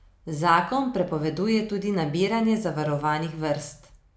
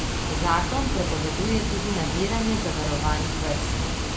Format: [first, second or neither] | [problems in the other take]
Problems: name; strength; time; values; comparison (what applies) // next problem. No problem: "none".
first | background sound (Water); 2 dB above the speech